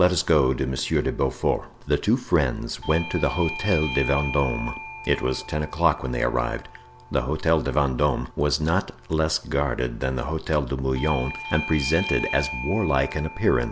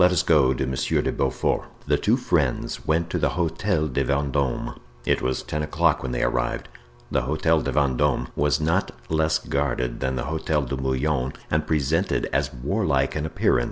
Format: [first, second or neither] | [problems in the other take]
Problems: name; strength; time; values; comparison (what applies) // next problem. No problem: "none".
second | background sound (Bell / Doorbell); 13 dB below the speech